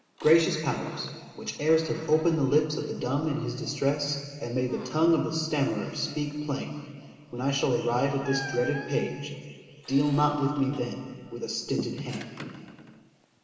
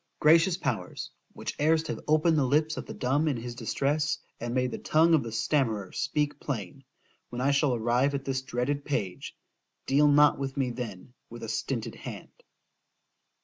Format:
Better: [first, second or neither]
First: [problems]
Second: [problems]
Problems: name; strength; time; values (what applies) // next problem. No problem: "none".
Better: second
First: background sound (Squeak); 18 dB below the speech // room echo; dies away in 2.3 s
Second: none